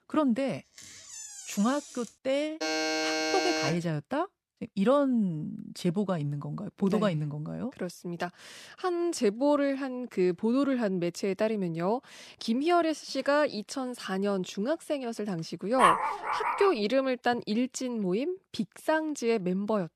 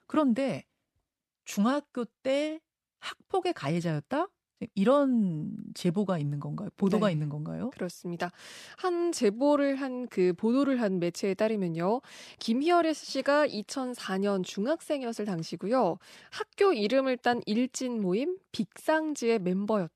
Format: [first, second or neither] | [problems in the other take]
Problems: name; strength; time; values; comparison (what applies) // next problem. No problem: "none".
second | door banging; faint; from 1 to 2 s; peak 10 dB below the speech // alarm; loud; from 2.5 to 4 s; peak 2 dB above the speech // dog barking; loud; at 16 s; peak 6 dB above the speech